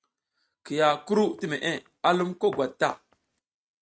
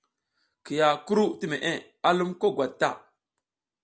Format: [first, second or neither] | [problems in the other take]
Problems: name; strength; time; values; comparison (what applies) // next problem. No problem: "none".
second | noise reduction (neural mask model RNNoise)